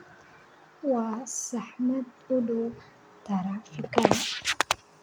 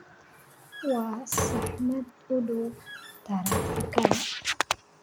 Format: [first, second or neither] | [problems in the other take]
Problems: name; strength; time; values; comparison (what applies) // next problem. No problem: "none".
first | background sound (Slam); 5 dB below the speech